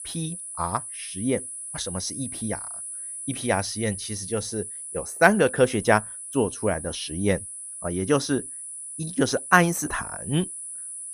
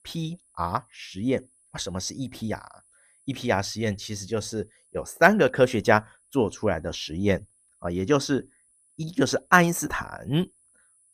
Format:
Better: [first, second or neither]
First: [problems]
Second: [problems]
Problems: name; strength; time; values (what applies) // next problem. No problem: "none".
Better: second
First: high-pitched whine; loud; throughout; 10 kHz, 8 dB below the speech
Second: high-pitched whine; faint; throughout; 10 kHz, 35 dB below the speech